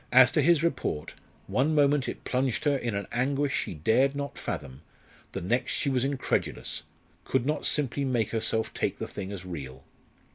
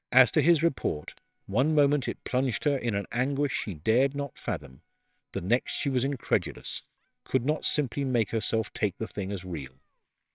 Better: first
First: none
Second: noise reduction (neural separator model SepFormer WHAMR!)

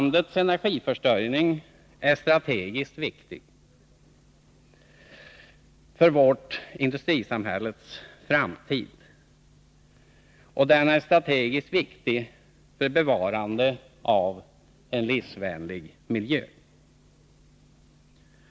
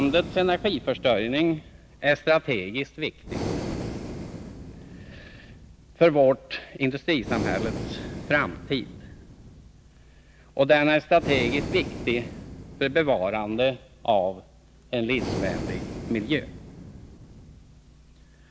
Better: first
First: none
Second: background sound (Breathing); 10 dB below the speech

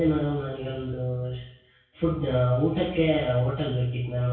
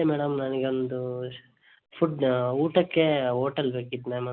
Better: second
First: room echo; dies away in 0.6 s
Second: none

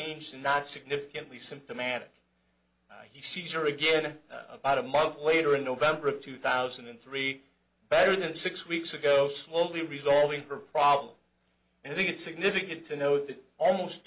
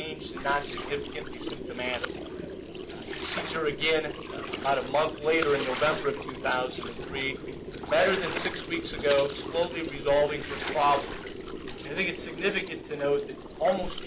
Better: first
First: none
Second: background sound (Gurgling); 7 dB below the speech

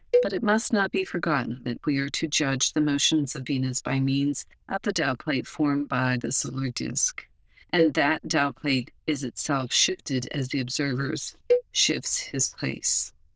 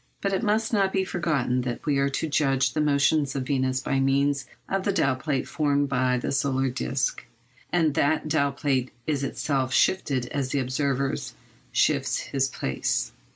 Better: second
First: noise reduction (neural diffusion model UNIVERSE++)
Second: none

